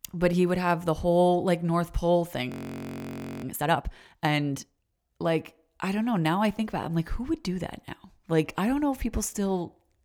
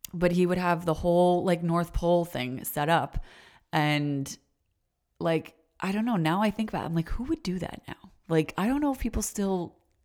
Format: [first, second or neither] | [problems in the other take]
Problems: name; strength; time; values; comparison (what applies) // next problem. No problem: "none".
second | audio freezing; at 2.5 s for 1 s